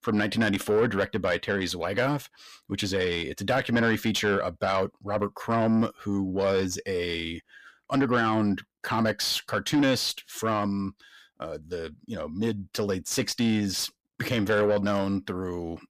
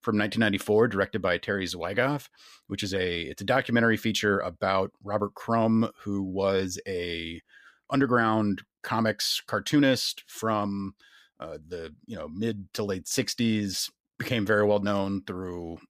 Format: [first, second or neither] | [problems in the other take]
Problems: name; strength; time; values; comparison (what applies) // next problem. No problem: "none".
second | distortion; slight; 10 dB below the speech